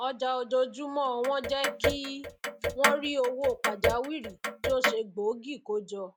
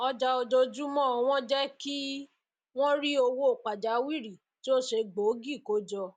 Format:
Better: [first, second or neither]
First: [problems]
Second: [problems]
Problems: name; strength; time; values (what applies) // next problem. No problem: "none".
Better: second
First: background sound (Clock); as loud as the speech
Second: none